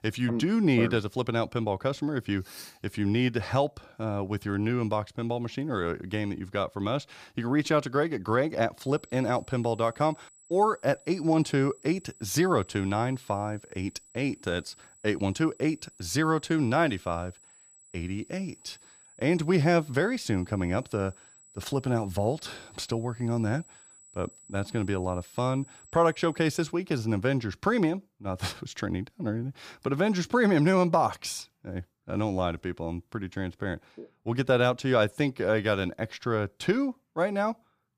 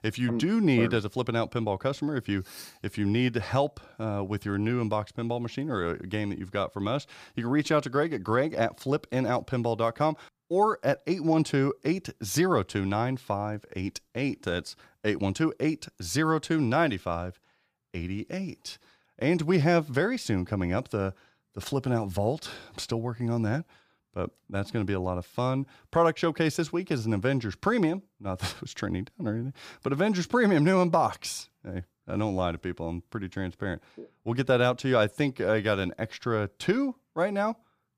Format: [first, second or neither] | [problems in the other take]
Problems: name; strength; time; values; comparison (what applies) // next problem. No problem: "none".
second | high-pitched whine; faint; from 9 to 27 s; 8 kHz, 25 dB below the speech